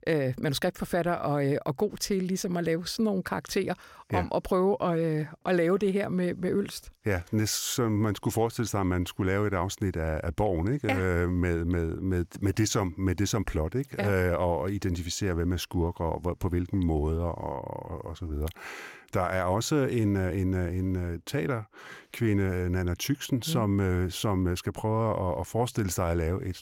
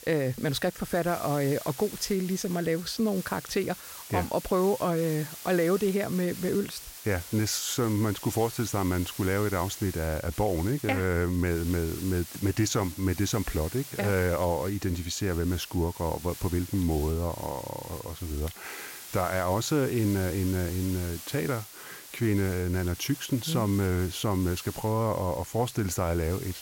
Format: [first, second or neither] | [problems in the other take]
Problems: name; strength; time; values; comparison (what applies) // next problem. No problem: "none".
first | hiss; noticeable; throughout; 10 dB below the speech